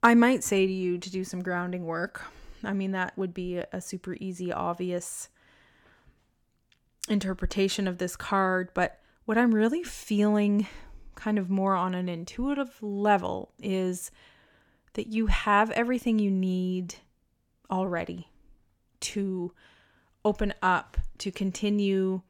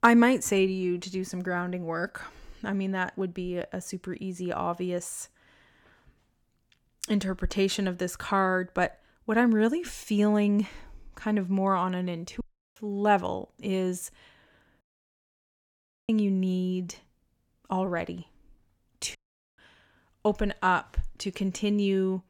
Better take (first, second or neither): first